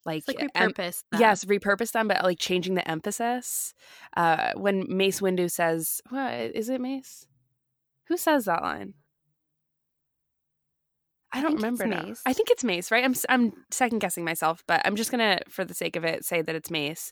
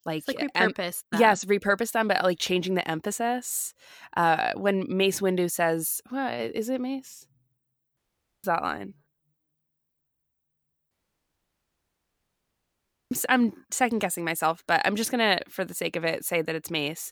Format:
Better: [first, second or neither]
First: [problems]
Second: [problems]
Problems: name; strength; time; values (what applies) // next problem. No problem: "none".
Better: first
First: none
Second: audio cutting out; at 8 s and at 11 s for 2 s